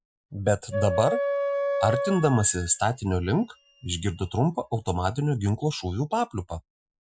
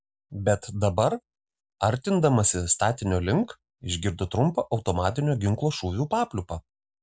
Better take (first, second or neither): second